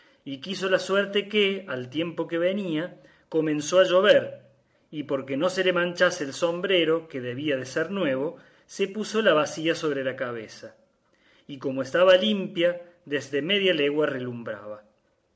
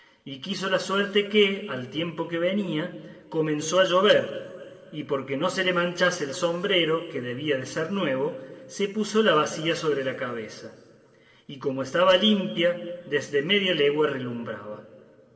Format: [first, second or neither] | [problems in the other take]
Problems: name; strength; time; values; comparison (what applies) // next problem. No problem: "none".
first | room echo; dies away in 2.8 s